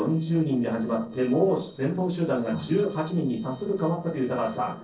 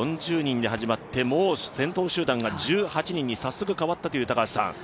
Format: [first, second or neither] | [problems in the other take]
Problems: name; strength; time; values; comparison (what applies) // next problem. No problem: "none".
second | noise reduction (neural separator model SepFormer DNS4)